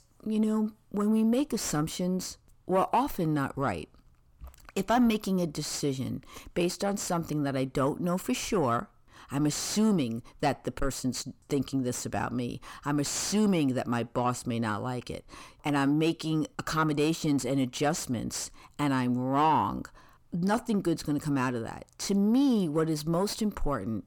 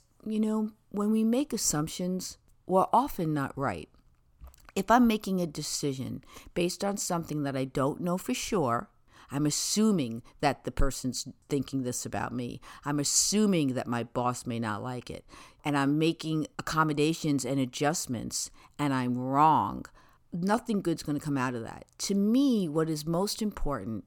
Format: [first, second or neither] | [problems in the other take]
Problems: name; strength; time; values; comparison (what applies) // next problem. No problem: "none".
second | distortion; slight; 10 dB below the speech